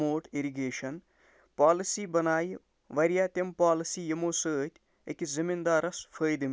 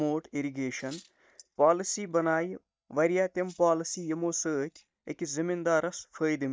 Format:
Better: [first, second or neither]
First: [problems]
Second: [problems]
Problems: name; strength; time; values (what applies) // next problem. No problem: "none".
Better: first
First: none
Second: noise reduction (neural mask model DeepFilterNet 3)